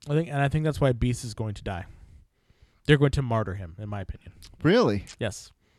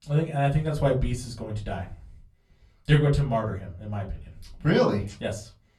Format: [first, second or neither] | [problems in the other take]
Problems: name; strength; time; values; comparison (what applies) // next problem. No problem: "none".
first | off-mic speech; far // room echo; very slight; dies away in 0.3 s